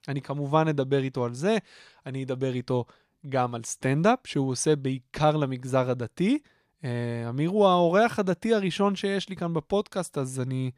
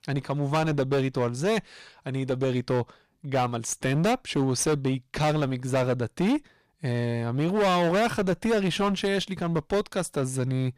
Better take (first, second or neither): first